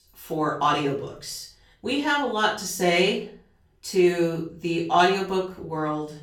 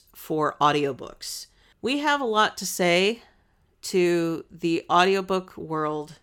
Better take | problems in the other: second | off-mic speech; far // room echo; slight; dies away in 0.4 s

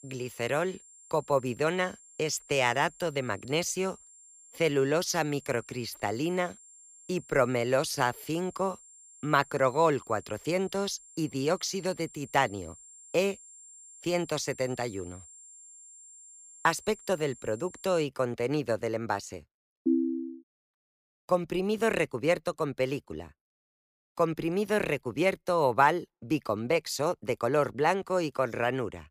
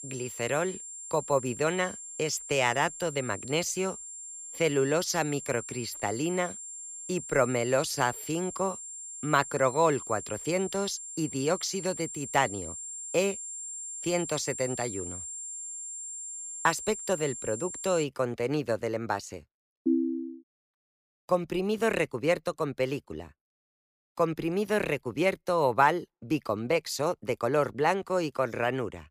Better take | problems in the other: first | high-pitched whine; loud; until 18 s; 7.5 kHz, 9 dB below the speech; faint in the first

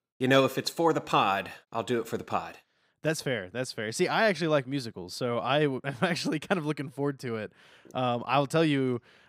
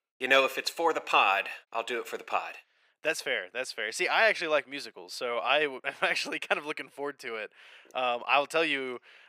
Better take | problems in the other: first | thin; very; fading below 550 Hz

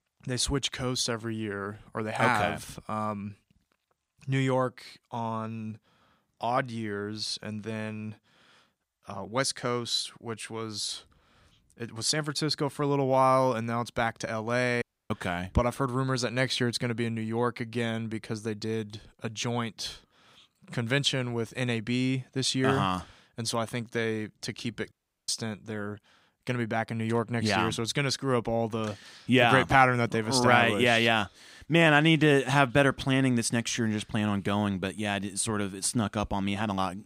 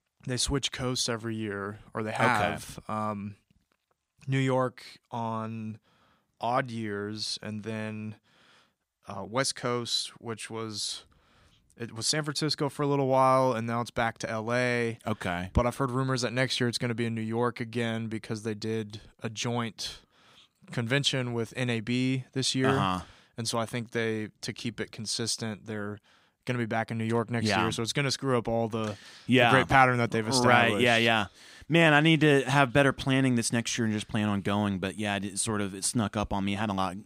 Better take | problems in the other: second | audio cutting out; at 15 s and at 25 s

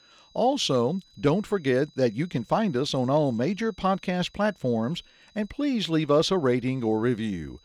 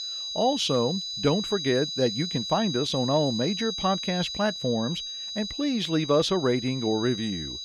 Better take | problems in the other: first | high-pitched whine; loud; throughout; 4 kHz, 5 dB below the speech; faint in the first

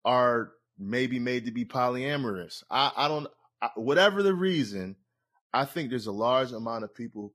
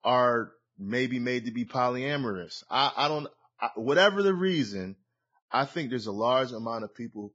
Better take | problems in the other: first | garbled, watery; badly; nothing above 7.5 kHz; slightly in the first

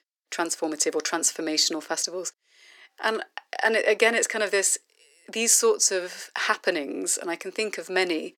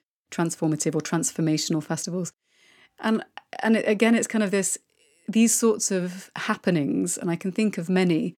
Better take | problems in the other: second | thin; very; fading below 400 Hz

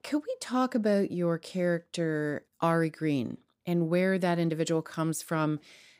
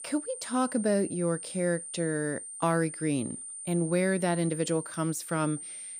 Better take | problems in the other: first | high-pitched whine; loud; throughout; 9 kHz, 9 dB below the speech

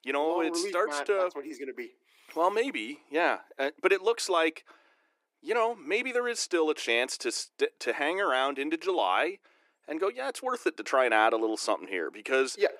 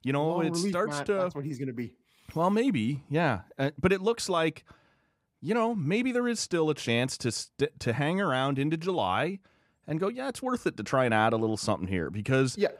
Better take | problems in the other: second | thin; very; fading below 350 Hz

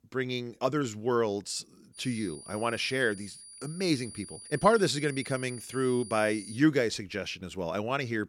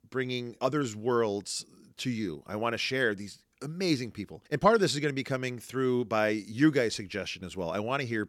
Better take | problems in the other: second | high-pitched whine; noticeable; from 2 to 6.5 s; 9.5 kHz, 15 dB below the speech

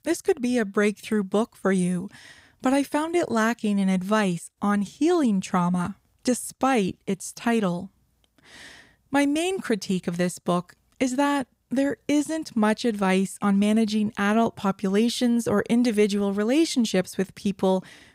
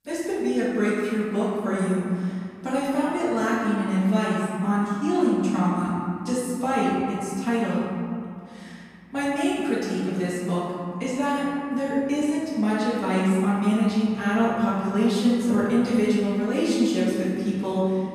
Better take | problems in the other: first | off-mic speech; far // room echo; strong; dies away in 2.2 s

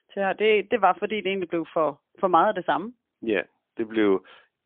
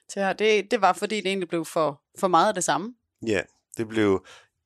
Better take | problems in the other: second | phone-call audio; poor line; nothing above 3.5 kHz

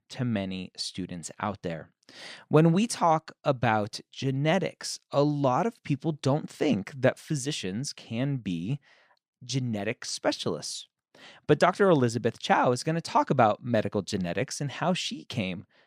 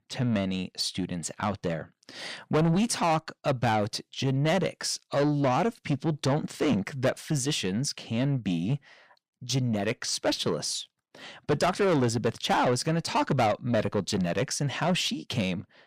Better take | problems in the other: first | distortion; heavy; 7 dB below the speech

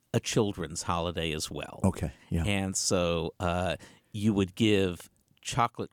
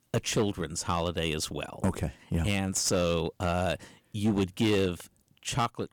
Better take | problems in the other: first | distortion; slight; 7% of the sound clipped

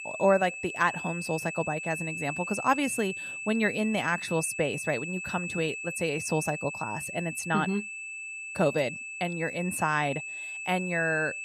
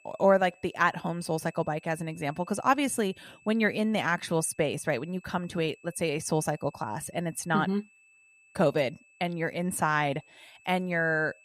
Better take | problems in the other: second | high-pitched whine; loud; throughout; 2.5 kHz, 6 dB below the speech; faint in the second

